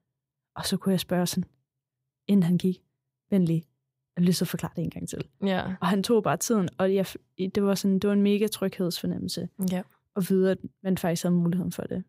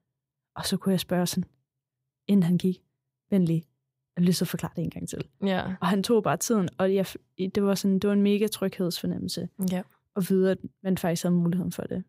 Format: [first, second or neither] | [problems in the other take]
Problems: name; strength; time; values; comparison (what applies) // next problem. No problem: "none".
neither | none